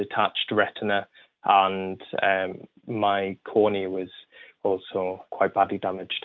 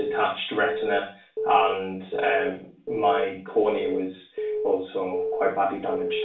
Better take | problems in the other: first | background sound (Alarm / Keyboard (musical)); 4 dB below the speech // room echo; dies away in 0.4 s

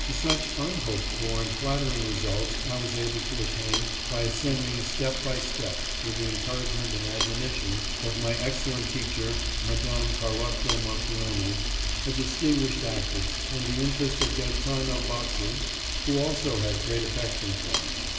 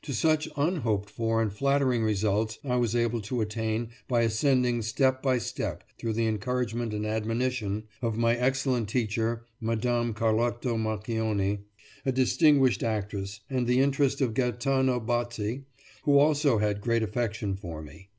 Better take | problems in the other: second | background sound (Camera); 2 dB above the speech // room echo; dies away in 2.3 s

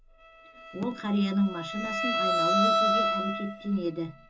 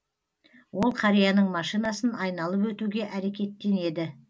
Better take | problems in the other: second | background sound (Bowed string instrument); 2 dB above the speech // room echo; dies away in 0.2 s

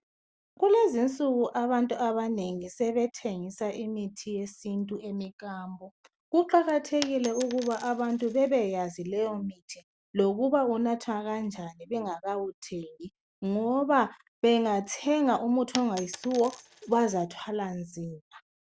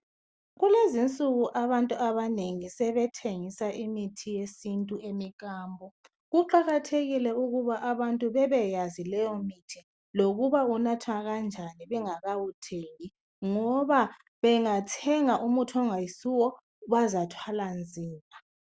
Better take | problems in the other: second | background sound (Coin (dropping)); 14 dB below the speech

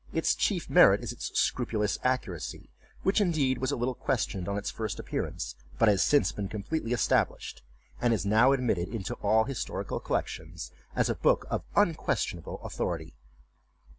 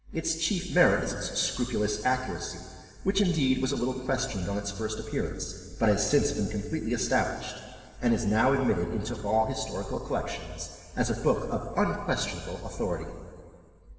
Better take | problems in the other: first | room echo; dies away in 2.1 s

